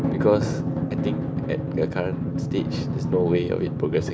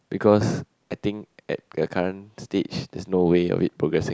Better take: second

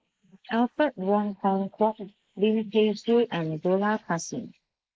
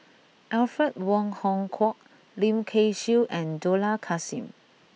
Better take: second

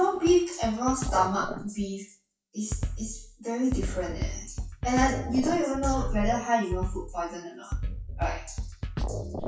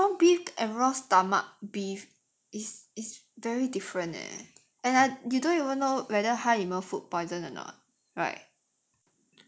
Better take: second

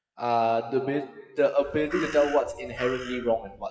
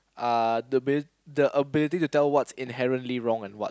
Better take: second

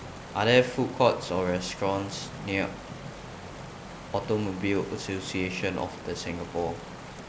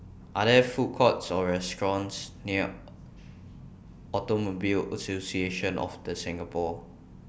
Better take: second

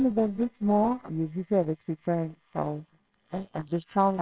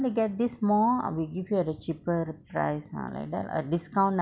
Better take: second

